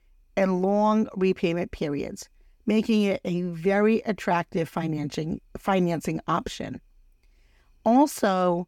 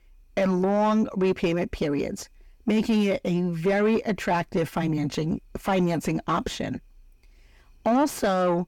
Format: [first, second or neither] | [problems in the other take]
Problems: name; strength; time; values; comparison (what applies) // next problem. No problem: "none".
first | distortion; slight; 9 dB below the speech